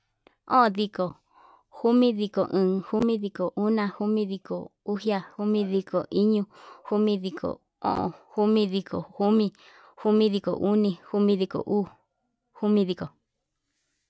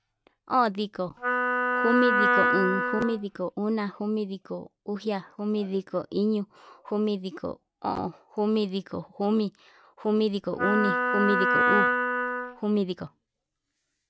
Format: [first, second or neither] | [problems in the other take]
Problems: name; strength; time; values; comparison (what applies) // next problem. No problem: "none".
first | background sound (Wind instrument, woodwind instrument); 3 dB above the speech